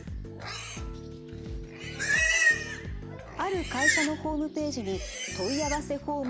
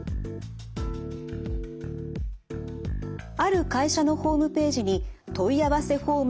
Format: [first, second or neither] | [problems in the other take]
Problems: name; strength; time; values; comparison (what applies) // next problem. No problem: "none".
second | background sound (Livestock, farm animals, working animals); 2 dB above the speech